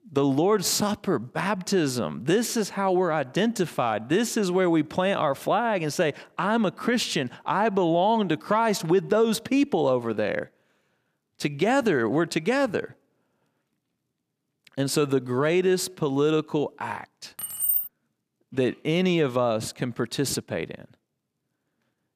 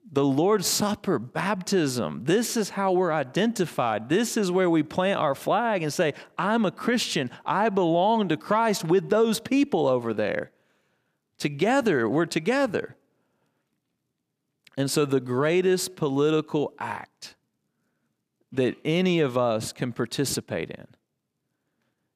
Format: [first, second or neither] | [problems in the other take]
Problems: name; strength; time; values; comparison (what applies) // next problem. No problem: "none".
second | jangling keys; loud; at 17 s; peak 2 dB above the speech